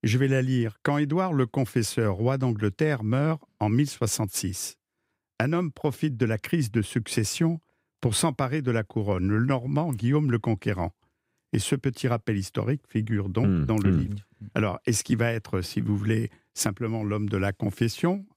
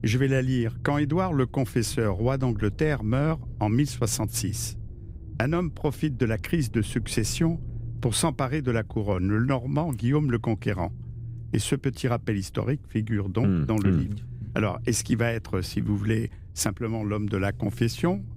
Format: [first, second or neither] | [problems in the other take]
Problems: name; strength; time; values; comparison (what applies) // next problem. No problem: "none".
first | low rumble; faint; throughout; 20 dB below the speech